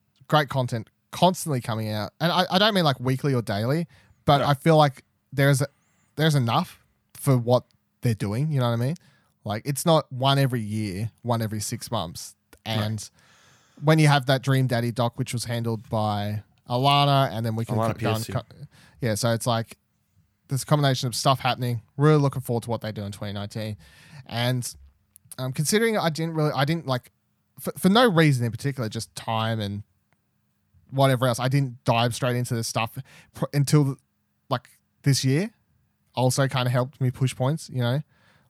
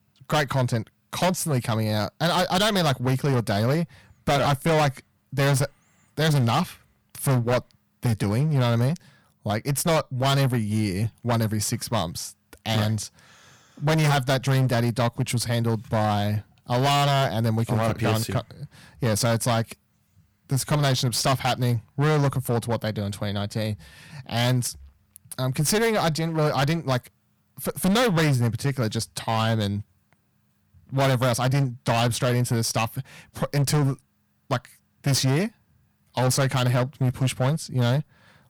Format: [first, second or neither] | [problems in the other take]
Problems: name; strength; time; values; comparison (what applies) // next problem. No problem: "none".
first | distortion; heavy; 16% of the sound clipped